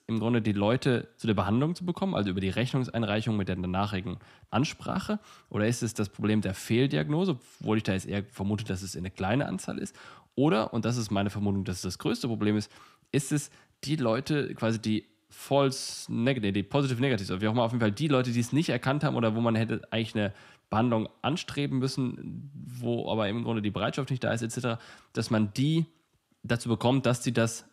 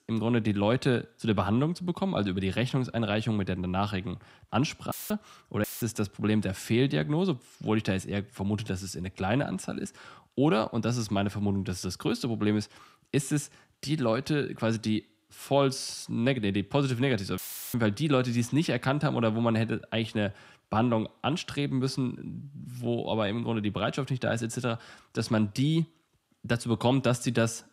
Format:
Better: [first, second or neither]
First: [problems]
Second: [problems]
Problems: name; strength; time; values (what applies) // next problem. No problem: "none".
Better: first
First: none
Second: audio cutting out; filled with static; at 5 s, at 5.5 s and at 17 s